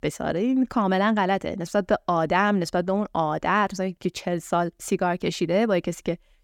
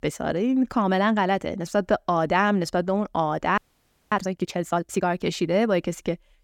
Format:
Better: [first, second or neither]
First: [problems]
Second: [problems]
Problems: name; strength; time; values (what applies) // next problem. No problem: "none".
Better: first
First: none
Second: audio freezing; at 3.5 s for 0.5 s